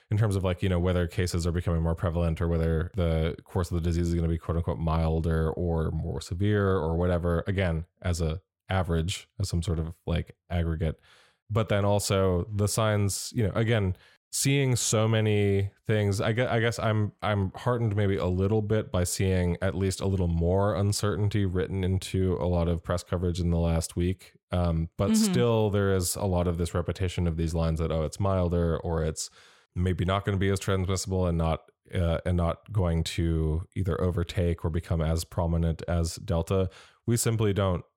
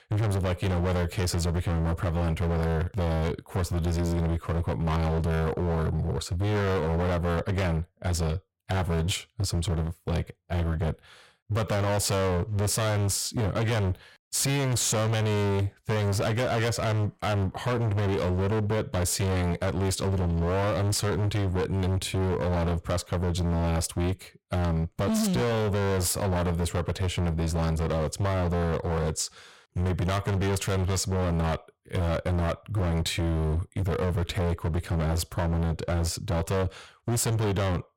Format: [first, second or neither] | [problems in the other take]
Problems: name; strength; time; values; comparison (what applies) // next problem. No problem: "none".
first | distortion; heavy; 36% of the sound clipped